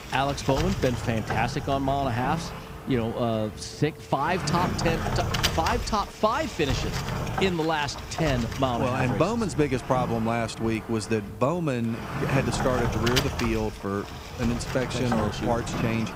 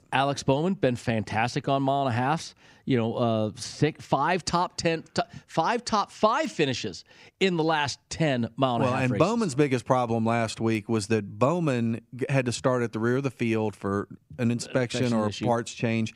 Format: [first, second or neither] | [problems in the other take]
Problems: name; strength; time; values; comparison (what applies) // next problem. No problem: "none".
second | household noises; loud; throughout; 4 dB below the speech